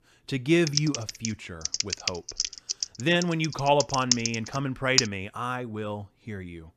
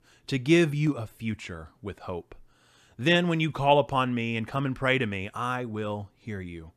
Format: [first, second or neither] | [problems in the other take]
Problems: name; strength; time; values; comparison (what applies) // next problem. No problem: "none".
second | keyboard typing; loud; from 0.5 to 5 s; peak 3 dB above the speech